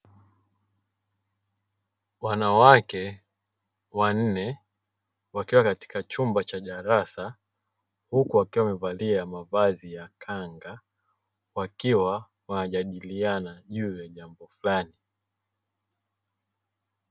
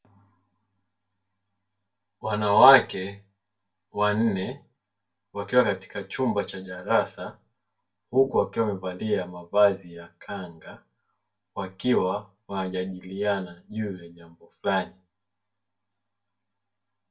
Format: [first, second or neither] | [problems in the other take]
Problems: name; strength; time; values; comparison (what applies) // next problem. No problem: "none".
first | room echo; dies away in 0.2 s